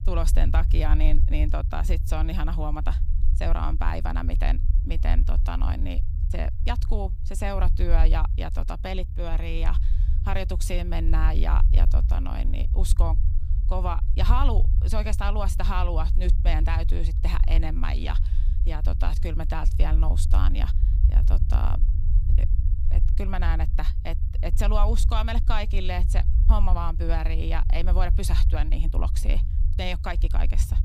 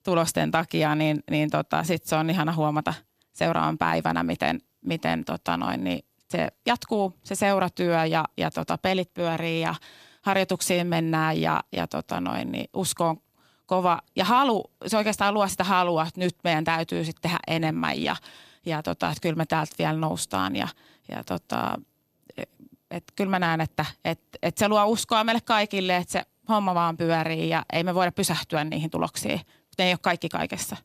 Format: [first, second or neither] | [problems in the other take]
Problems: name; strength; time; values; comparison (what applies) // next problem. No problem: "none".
second | low rumble; noticeable; throughout; 10 dB below the speech